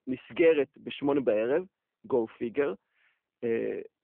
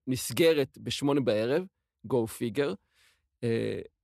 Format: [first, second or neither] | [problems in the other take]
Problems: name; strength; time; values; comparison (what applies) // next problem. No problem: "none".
second | phone-call audio; nothing above 3.5 kHz